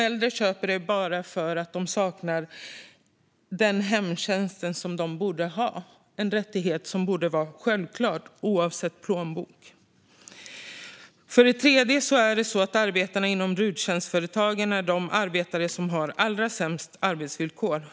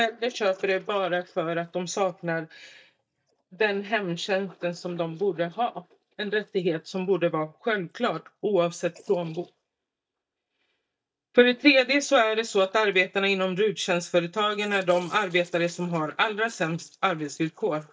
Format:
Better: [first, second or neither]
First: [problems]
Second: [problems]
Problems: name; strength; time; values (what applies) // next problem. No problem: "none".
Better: first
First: none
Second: noise reduction (neural mask model DeepFilterNet 3)